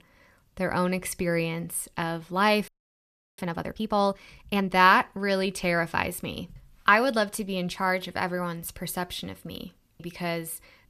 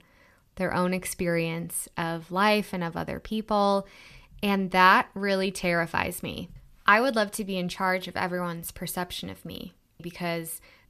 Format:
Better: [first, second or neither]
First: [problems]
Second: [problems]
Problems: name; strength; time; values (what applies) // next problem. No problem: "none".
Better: second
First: audio freezing; at 2.5 s for 0.5 s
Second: none